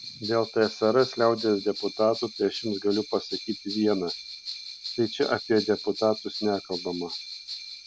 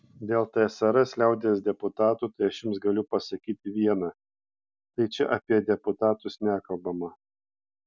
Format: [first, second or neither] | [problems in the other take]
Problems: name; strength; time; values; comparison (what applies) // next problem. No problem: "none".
second | background sound (Bell); 12 dB below the speech